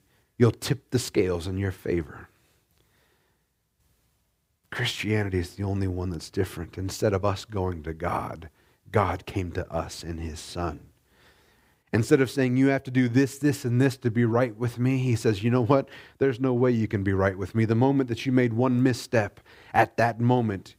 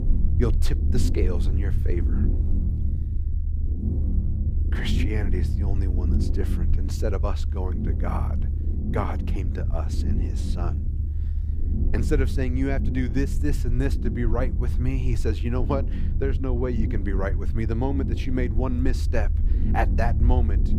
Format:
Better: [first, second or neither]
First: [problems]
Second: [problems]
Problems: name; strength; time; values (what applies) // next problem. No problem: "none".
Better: first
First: none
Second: low rumble; loud; throughout; 8 dB below the speech